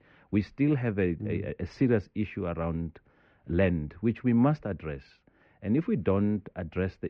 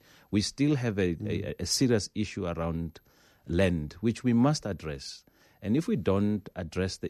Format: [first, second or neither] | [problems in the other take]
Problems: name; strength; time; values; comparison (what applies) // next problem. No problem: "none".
second | muffled; very; fading above 2.5 kHz